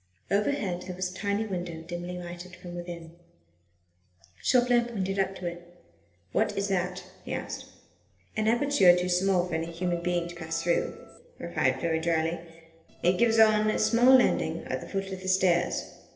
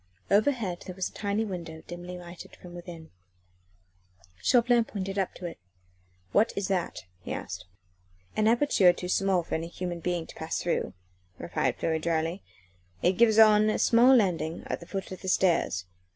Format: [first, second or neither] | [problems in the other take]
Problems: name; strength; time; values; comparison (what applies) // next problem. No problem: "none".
second | noise reduction (neural separator model SepFormer DNS4)